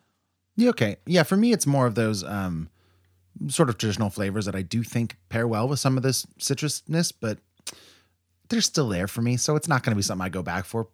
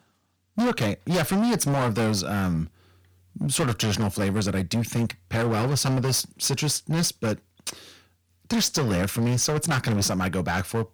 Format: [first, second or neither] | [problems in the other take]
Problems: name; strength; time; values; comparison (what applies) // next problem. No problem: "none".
first | distortion; heavy; 18% of the sound clipped